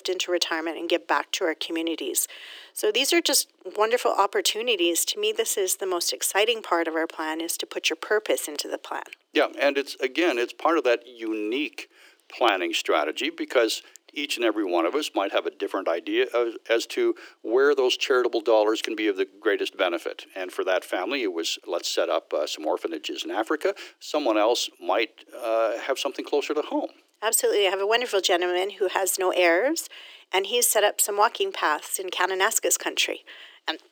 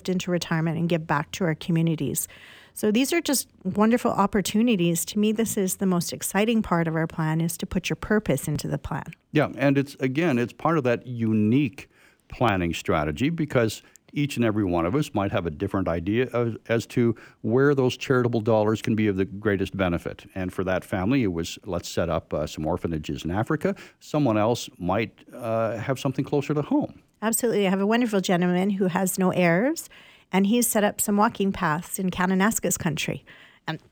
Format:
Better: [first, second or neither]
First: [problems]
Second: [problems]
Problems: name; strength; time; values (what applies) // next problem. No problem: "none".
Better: second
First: thin; very; fading below 350 Hz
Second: none